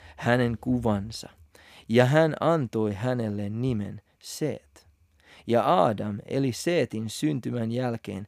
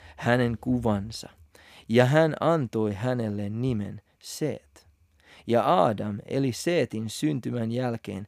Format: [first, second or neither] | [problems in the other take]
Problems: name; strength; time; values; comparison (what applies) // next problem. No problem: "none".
neither | none